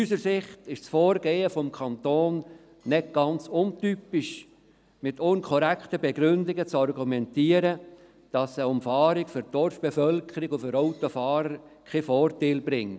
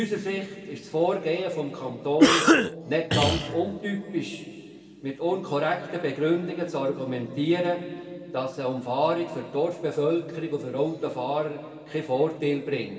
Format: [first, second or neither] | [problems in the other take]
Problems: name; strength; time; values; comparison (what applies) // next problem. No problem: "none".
first | background sound (Cough); 5 dB above the speech // room echo; dies away in 2.3 s